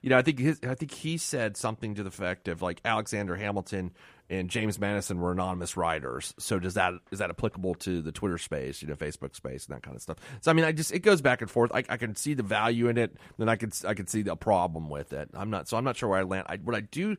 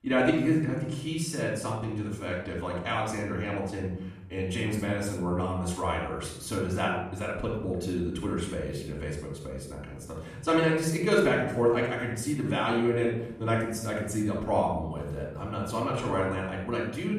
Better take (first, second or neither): first